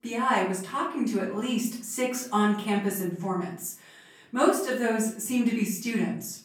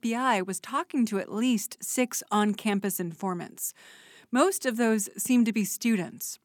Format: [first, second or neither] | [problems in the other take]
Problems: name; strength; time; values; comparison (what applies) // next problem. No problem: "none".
second | off-mic speech; far // room echo; noticeable; dies away in 0.5 s